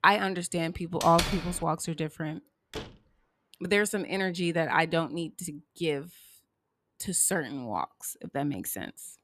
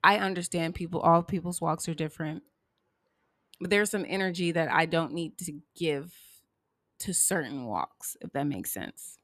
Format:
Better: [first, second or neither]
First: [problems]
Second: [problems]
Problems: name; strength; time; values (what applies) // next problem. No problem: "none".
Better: second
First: door banging; noticeable; at 1 s; peak 1 dB below the speech // door banging; faint; at 2.5 s; peak 10 dB below the speech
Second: none